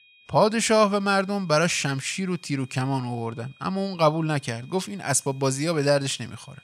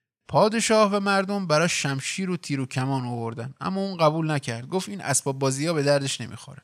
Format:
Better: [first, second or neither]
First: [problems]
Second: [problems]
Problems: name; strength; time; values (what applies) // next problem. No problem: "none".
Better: second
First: high-pitched whine; faint; throughout; 2.5 kHz, 30 dB below the speech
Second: none